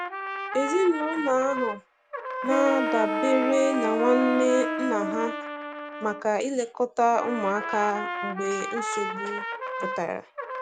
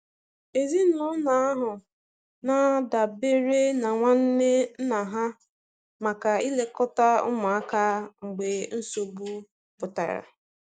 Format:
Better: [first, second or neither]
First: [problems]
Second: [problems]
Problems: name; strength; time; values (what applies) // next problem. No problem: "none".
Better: second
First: background sound (Wind instrument, woodwind instrument + Trumpet); 4 dB below the speech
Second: none